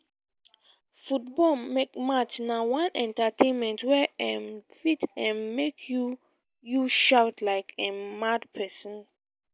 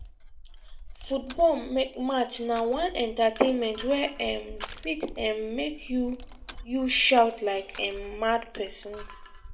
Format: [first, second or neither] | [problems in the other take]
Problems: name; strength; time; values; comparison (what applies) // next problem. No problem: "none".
first | background sound (Crushing); 15 dB below the speech // room echo; dies away in 0.7 s